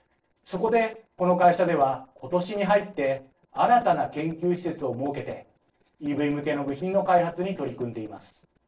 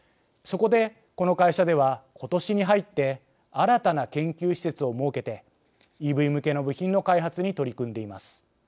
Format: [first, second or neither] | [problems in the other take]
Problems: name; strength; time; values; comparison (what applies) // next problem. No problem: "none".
second | noise reduction (neural separator model SepFormer DNS4)